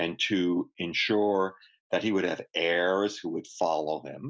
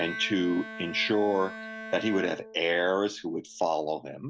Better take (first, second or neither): first